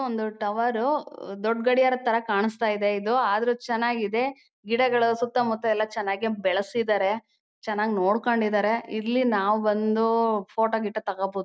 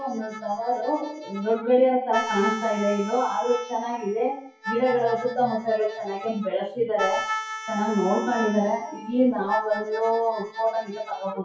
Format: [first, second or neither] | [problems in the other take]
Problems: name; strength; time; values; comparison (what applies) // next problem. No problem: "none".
first | noise reduction (classical method WPE with log-MMSE)